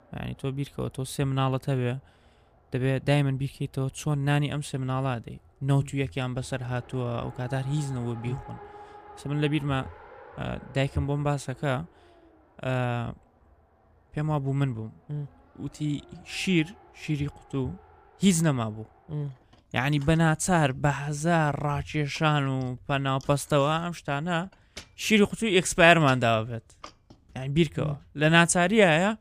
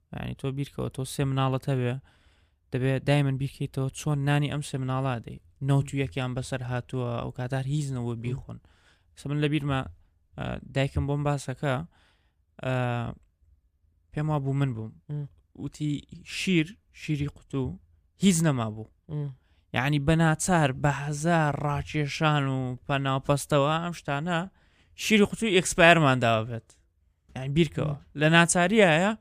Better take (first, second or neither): second